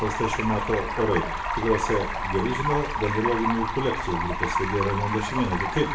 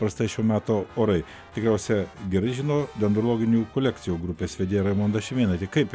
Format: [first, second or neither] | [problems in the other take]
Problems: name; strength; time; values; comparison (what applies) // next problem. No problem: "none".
second | background sound (Stream); 1 dB below the speech // room echo; dies away in 0.6 s